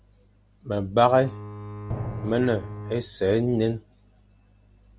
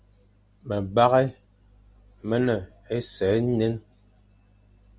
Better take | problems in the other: second | background sound (Drum + Bowed string instrument); 9 dB below the speech

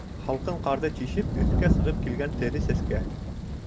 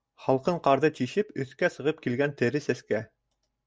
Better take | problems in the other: second | background sound (Thunder); 5 dB above the speech

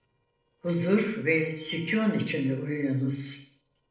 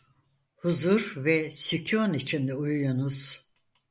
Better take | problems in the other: second | noise reduction (neural separator model SepFormer DNS4)

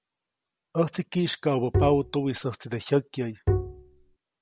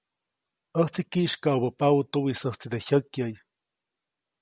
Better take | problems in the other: second | background sound (Bowed string instrument); as loud as the speech

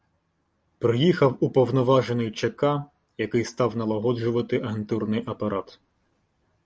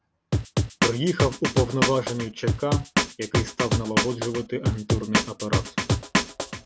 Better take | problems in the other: first | background sound (Drum); 3 dB above the speech

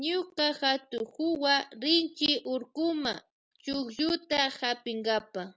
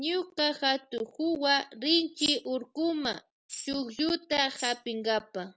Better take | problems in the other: first | background sound (Tambourine); 14 dB below the speech

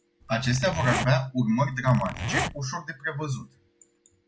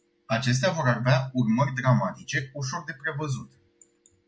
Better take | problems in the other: second | background sound (Zipper (clothing)); 6 dB below the speech

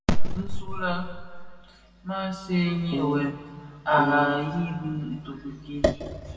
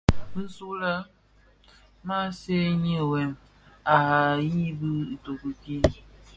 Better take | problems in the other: second | background sound (Piano); 3 dB below the speech // room echo; dies away in 1.7 s

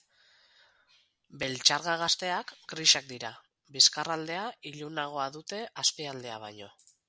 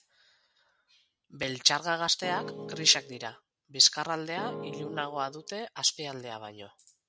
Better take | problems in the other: first | noise reduction (neural mask model RNNoise)

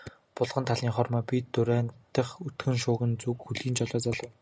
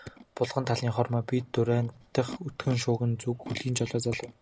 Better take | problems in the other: first | background sound (Animal); 18 dB below the speech

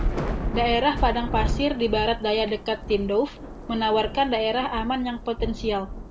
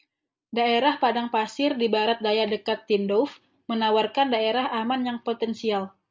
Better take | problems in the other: second | background sound (Thunder / Rain); 5 dB below the speech

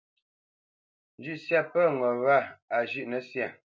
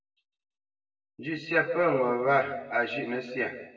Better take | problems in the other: first | room echo; dies away in 1.1 s

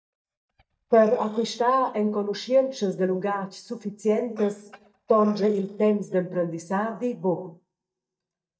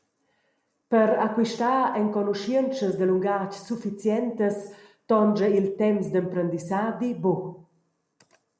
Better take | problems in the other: second | noise reduction (neural mask model DeepFilterNet 3)

